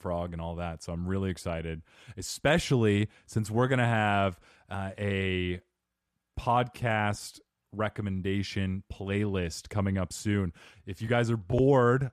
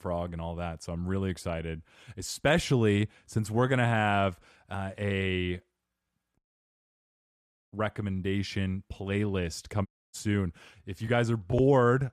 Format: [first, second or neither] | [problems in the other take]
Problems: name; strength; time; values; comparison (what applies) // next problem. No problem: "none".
first | audio cutting out; at 6.5 s for 1.5 s and at 10 s